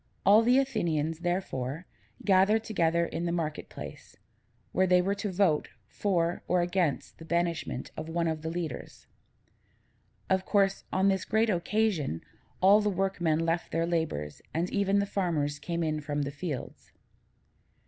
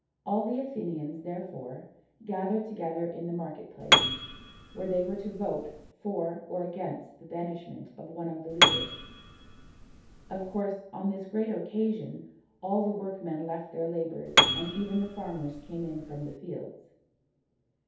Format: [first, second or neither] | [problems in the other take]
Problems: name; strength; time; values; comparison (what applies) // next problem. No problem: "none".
first | background sound (Piano); 5 dB above the speech // room echo; dies away in 0.7 s